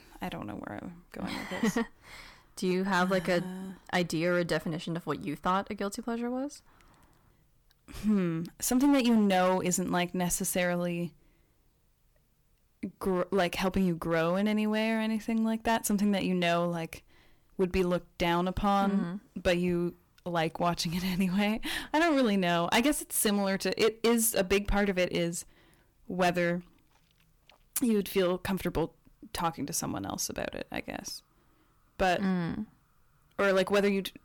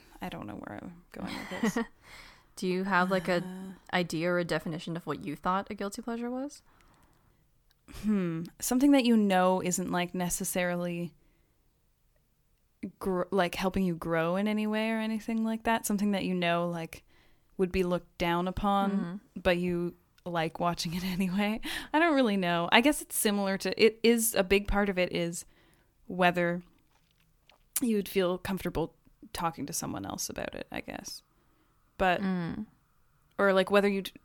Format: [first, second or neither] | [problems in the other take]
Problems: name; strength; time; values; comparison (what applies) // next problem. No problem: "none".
second | distortion; slight; 4% of the sound clipped